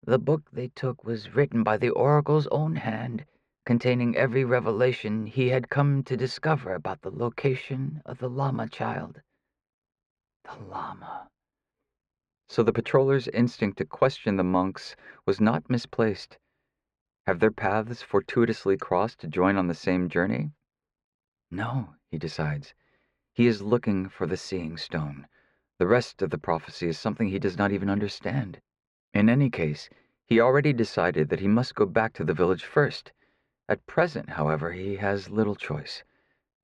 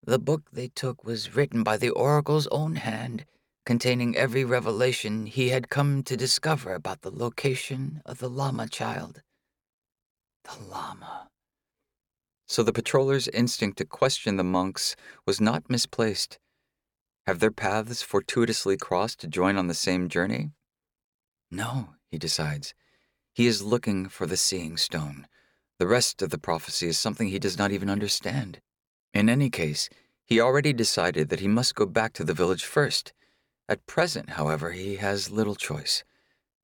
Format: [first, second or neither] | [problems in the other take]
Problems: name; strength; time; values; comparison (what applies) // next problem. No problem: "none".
second | muffled; slightly; fading above 2 kHz